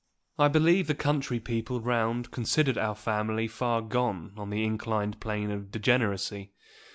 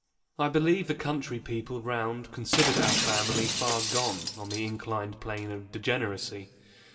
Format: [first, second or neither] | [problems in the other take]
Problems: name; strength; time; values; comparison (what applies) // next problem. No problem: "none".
first | background sound (Shatter); as loud as the speech // room echo; dies away in 1.4 s